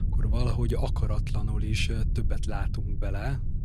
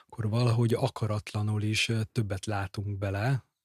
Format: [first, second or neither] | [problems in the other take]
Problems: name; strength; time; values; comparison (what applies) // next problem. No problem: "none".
second | low rumble; loud; throughout; 10 dB below the speech